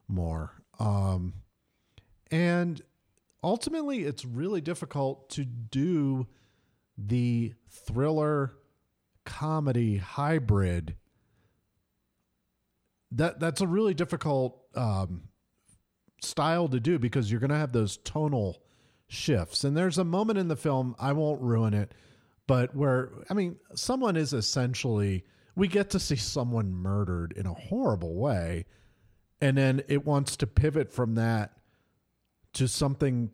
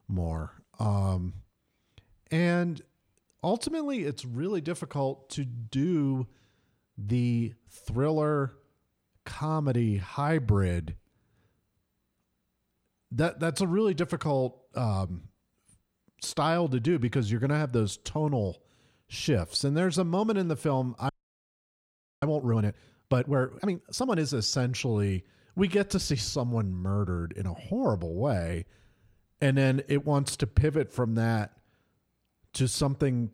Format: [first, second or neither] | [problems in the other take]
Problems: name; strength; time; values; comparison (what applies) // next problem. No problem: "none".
first | audio freezing; at 21 s for 1 s